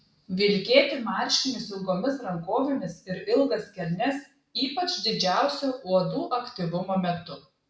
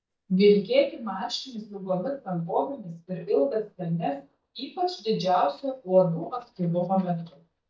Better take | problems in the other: first | noise reduction (neural mask model DeepFilterNet 3)

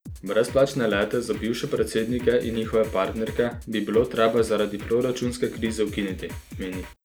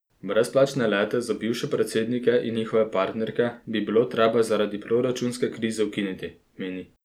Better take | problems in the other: second | background sound (Drum kit); 15 dB below the speech

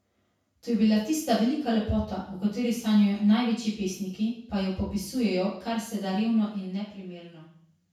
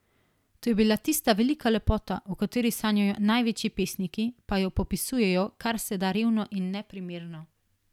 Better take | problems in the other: second | room echo; dies away in 0.6 s

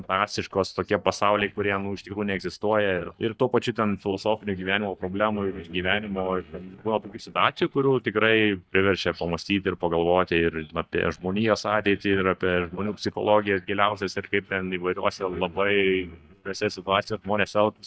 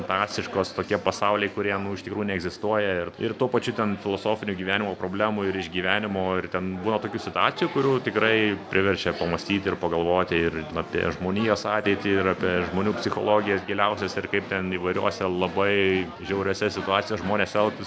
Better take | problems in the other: second | noise reduction (neural mask model DeepFilterNet 3)

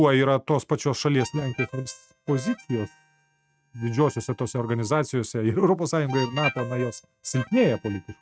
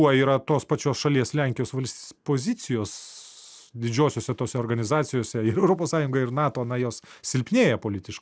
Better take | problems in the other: second | noise reduction (neural mask model RNNoise)

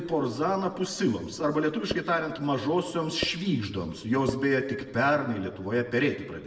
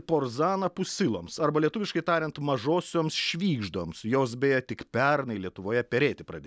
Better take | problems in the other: second | background sound (Percussion); 11 dB below the speech // room echo; dies away in 1.2 s

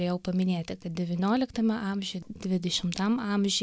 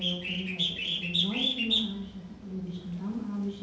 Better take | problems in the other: first | background sound (Bird); 2 dB above the speech // room echo; dies away in 0.8 s

